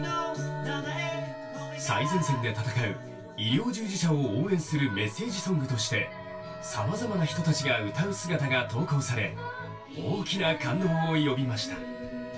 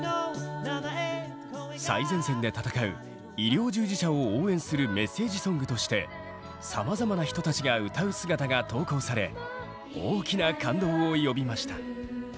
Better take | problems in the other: second | background sound (Wind instrument, woodwind instrument); 16 dB below the speech // room echo; dies away in 0.2 s

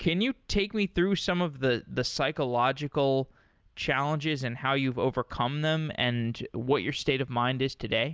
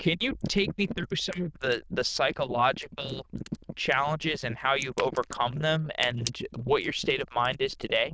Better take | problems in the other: first | noise reduction (neural diffusion model UNIVERSE++)

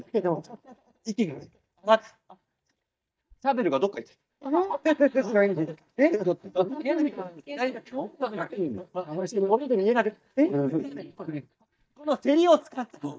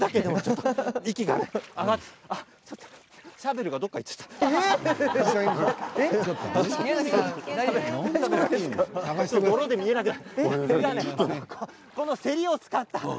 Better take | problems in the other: second | noise reduction (neural mask model DeepFilterNet 3)

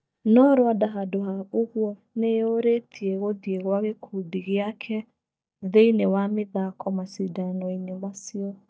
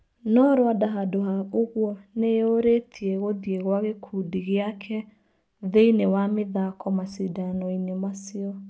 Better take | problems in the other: second | noise reduction (neural mask model DeepFilterNet 3)

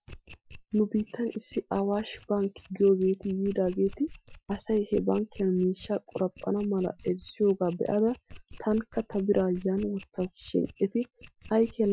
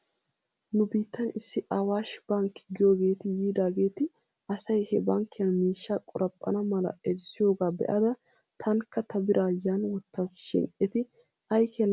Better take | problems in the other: second | noise reduction (classical method Wiener filter)

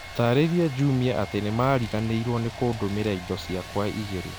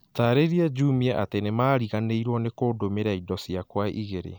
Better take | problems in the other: second | background sound (Domestic sounds, home sounds + Vehicle); 14 dB below the speech

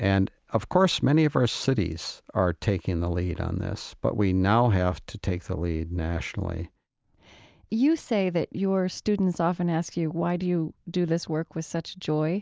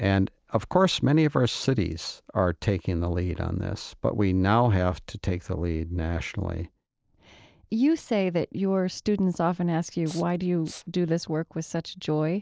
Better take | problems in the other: first | noise reduction (neural separator model SepFormer DNS4)

